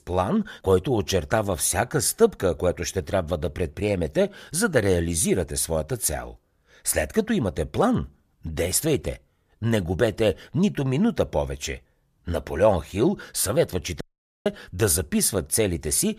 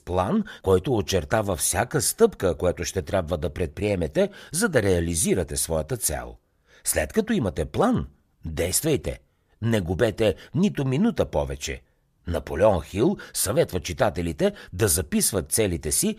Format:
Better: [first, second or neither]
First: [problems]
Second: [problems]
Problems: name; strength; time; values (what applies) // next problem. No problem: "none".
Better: second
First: audio cutting out; at 14 s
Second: none